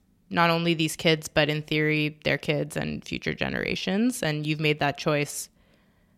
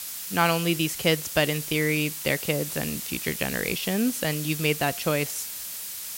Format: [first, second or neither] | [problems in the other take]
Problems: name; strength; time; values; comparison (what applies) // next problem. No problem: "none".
first | hiss; loud; throughout; 6 dB below the speech